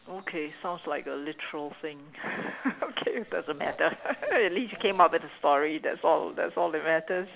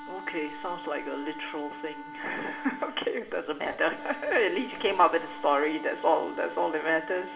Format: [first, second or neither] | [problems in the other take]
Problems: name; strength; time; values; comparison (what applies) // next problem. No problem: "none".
first | background sound (Wind instrument, woodwind instrument); 13 dB below the speech // room echo; dies away in 1.8 s